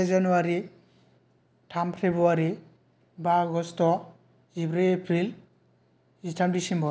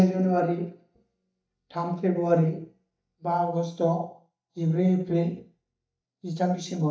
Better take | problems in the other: first | noise reduction (neural mask model DeepFilterNet 3)

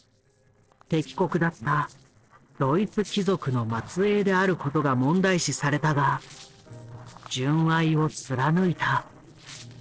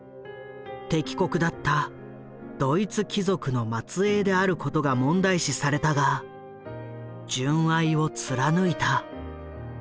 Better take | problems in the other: second | noise reduction (neural separator model SepFormer DNS4)

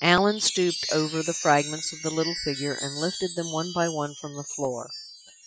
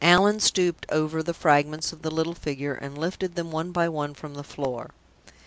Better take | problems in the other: second | noise reduction (classical method Wiener filter)

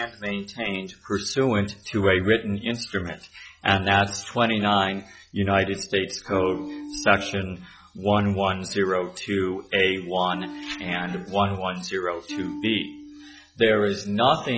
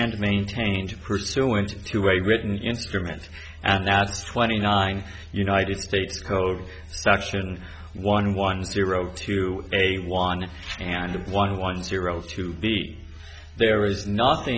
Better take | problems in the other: second | noise reduction (classical method log-MMSE)

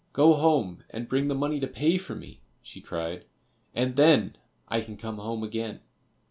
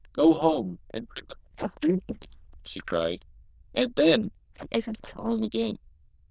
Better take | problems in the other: first | noise reduction (neural diffusion model UNIVERSE++)

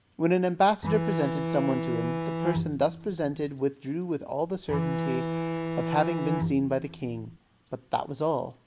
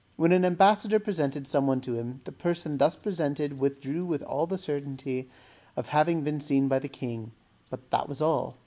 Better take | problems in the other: second | background sound (Bowed string instrument); 2 dB below the speech

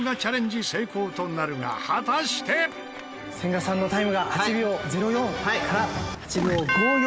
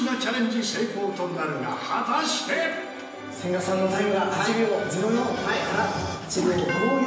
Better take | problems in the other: first | room echo; dies away in 1 s

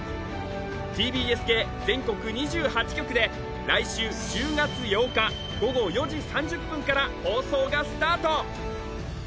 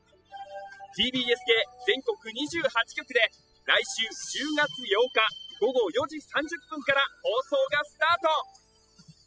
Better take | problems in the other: first | noise reduction (classical method spectral subtraction)

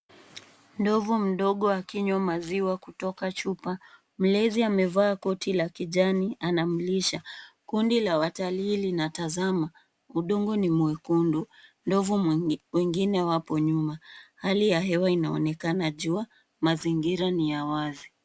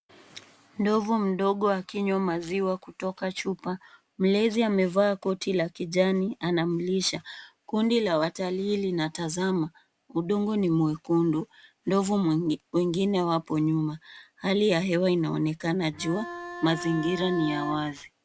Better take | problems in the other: first | background sound (Bowed string instrument); 11 dB below the speech

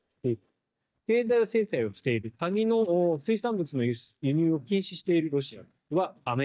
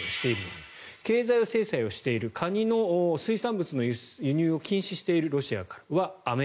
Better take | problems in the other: second | noise reduction (neural mask model DeepFilterNet 3)

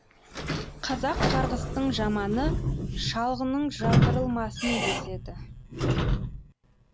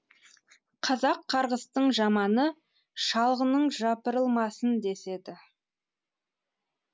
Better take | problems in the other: second | background sound (Squeak / Sliding door); 3 dB above the speech

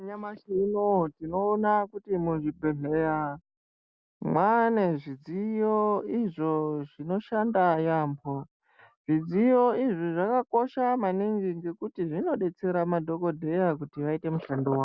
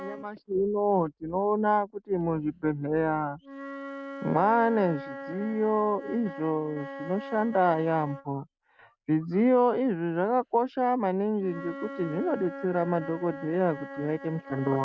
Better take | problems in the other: first | noise reduction (neural mask model RNNoise)

